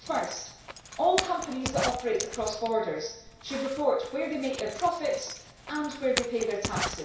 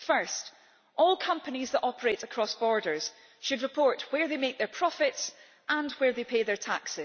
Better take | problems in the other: second | background sound (Zipper (clothing)); 8 dB below the speech // room echo; dies away in 0.6 s

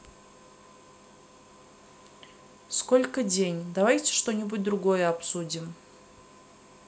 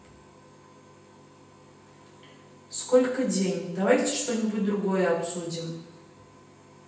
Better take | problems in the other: first | room echo; dies away in 0.9 s

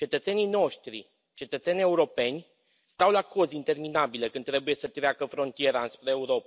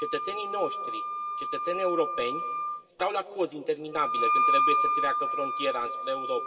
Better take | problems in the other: first | background sound (Wind instrument, woodwind instrument); 3 dB above the speech // room echo; dies away in 2.8 s

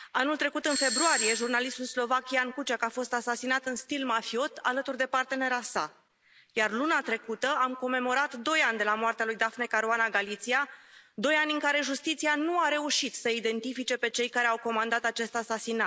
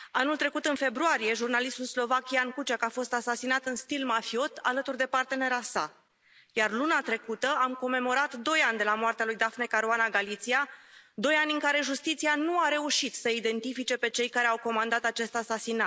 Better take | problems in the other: second | background sound (Doorbell); 5 dB below the speech

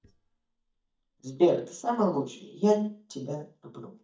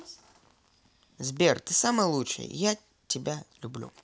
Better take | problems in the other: second | noise reduction (neural mask model DeepFilterNet 3)

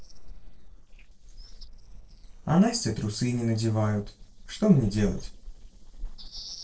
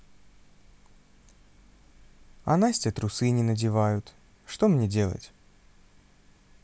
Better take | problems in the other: second | noise reduction (neural separator model SepFormer DNS4)

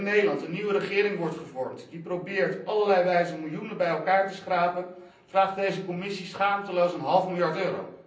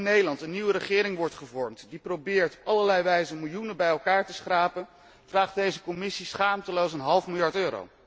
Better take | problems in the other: second | room echo; dies away in 0.6 s

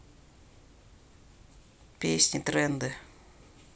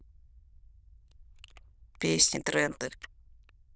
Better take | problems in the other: first | noise reduction (neural diffusion model UNIVERSE++)

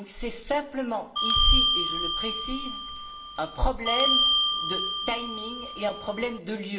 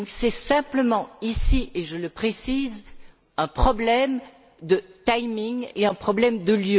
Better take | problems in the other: second | background sound (Bell); 4 dB above the speech // room echo; dies away in 0.6 s

